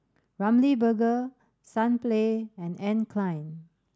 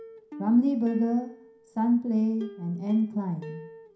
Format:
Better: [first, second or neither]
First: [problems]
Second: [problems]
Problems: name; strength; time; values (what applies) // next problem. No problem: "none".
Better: first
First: none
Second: background sound (Plucked string instrument); 18 dB below the speech // room echo; dies away in 0.5 s